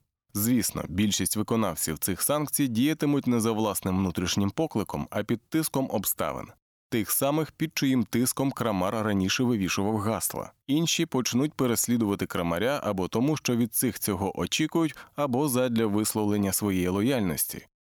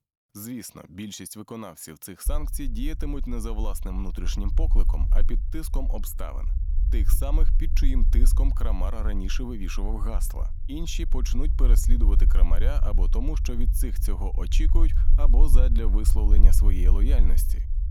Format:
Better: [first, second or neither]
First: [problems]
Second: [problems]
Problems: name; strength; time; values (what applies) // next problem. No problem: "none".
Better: first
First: none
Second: low rumble; noticeable; from 2.5 s on; 10 dB below the speech